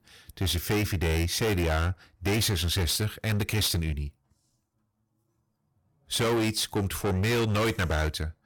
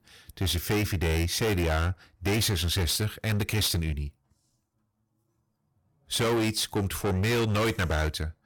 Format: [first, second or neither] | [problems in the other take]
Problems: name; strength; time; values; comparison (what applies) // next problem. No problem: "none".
neither | distortion; heavy; 19% of the sound clipped; the same in both